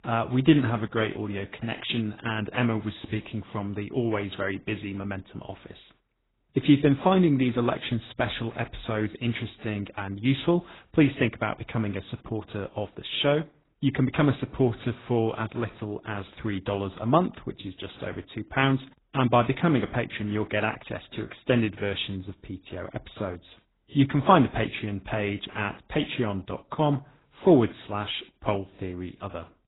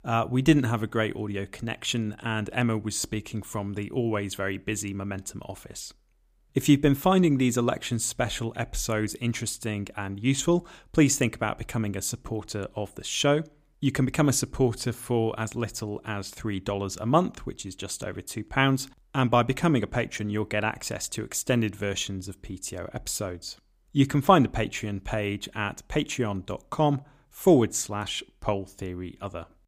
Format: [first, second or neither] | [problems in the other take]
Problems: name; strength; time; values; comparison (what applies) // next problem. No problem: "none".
second | garbled, watery; badly; nothing above 4 kHz